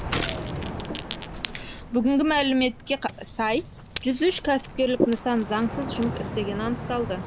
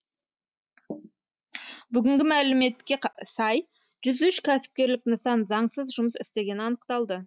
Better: second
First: background sound (Ocean + Gunshot, gunfire); 6 dB below the speech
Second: none

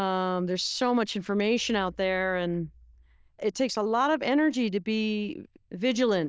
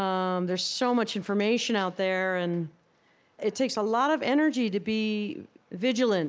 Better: second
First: noise reduction (neural diffusion model UNIVERSE++)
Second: none

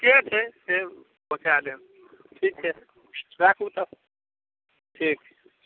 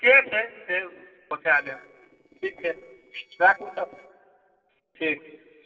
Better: first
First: none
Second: noise reduction (neural separator model SepFormer DNS4)

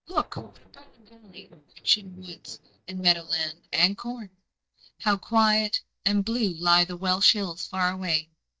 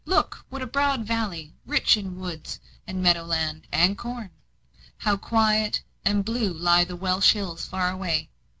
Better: second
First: noise reduction (neural mask model DeepFilterNet 3)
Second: none

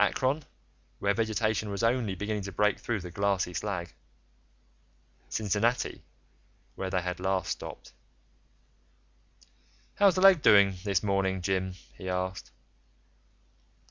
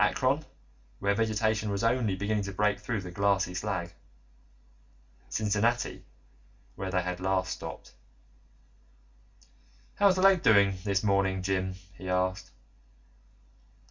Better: first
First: none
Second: room echo; dies away in 0.2 s

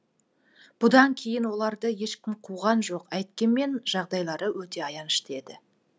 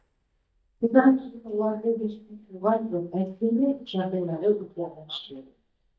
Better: first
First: none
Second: noise reduction (neural mask model DeepFilterNet 3)

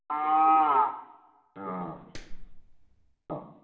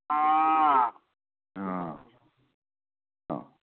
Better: second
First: background sound (Clapping); 11 dB below the speech // room echo; dies away in 1.1 s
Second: none

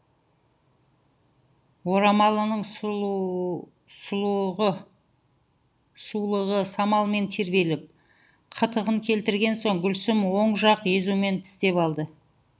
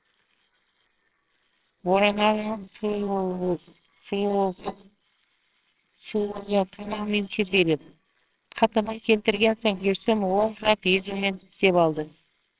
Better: first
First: none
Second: noise reduction (neural separator model SepFormer WHAMR!)

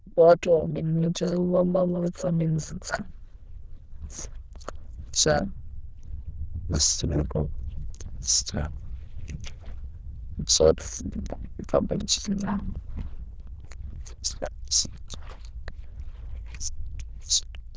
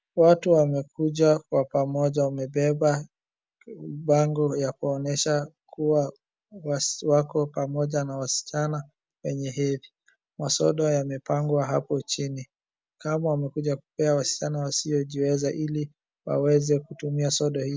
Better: second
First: noise reduction (neural diffusion model UNIVERSE++)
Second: none

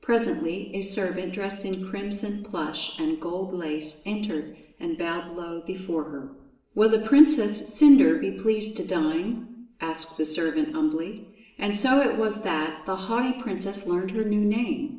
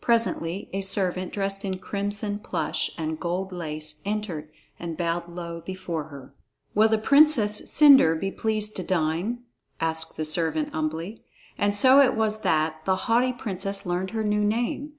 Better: second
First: room echo; dies away in 0.8 s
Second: none

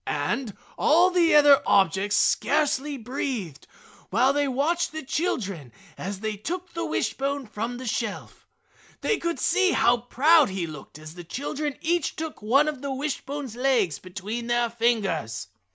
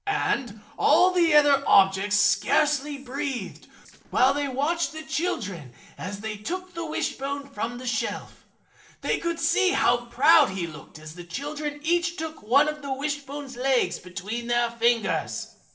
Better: first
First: none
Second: noise reduction (neural separator model SepFormer DNS4)

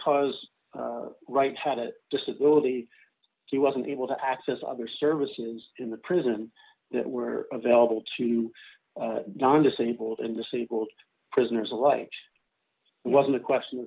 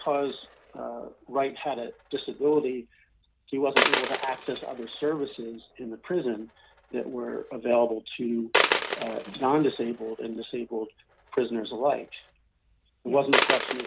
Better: first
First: none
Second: background sound (Coin (dropping)); 3 dB below the speech

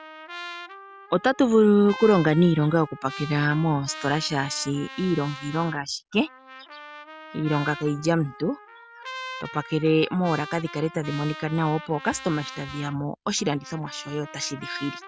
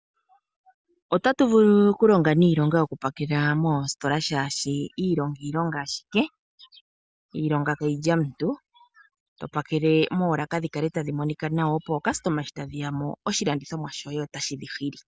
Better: second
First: background sound (Trumpet); 15 dB below the speech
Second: none

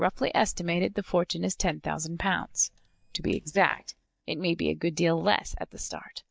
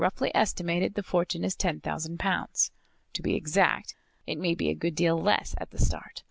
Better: second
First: noise reduction (neural mask model DeepFilterNet 3)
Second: none

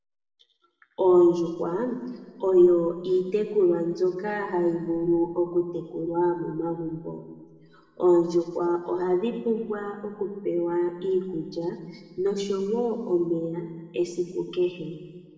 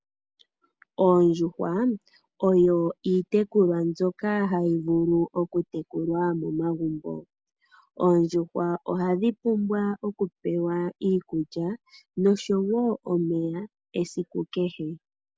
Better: second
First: room echo; dies away in 1.6 s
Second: none

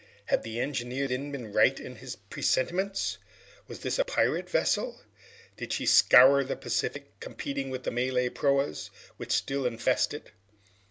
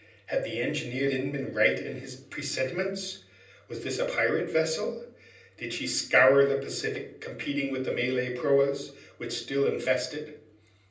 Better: first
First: none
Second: room echo; dies away in 0.6 s

